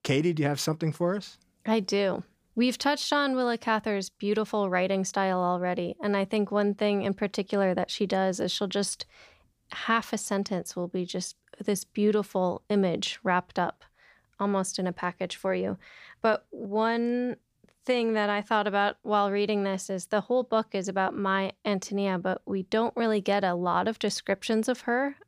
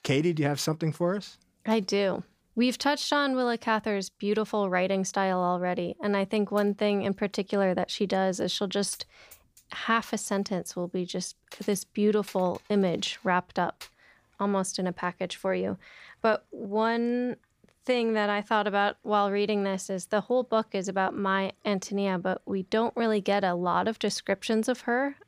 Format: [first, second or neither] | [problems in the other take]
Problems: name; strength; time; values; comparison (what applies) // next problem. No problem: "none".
first | household noises; faint; throughout; 25 dB below the speech